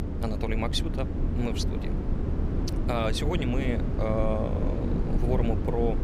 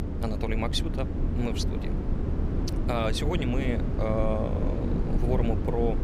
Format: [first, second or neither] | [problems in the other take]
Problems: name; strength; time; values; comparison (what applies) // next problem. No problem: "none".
neither | low rumble; loud; throughout; 6 dB below the speech; the same in both